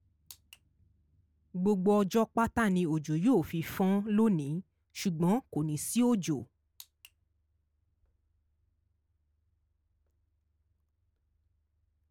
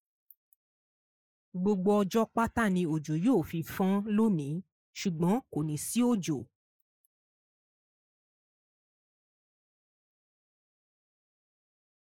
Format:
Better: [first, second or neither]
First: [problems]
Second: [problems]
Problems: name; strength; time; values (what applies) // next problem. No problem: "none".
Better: first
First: none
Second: noise reduction (neural mask model Resemble Enhance denoiser)